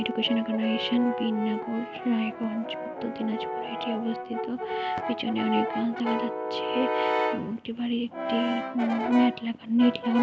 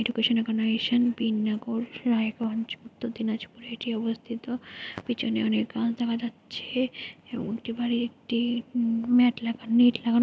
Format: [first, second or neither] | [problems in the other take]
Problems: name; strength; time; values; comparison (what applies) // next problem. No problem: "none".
second | background sound (Brass instrument); 4 dB below the speech